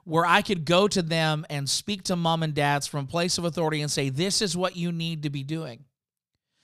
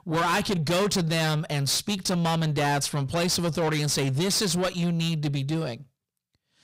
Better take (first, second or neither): first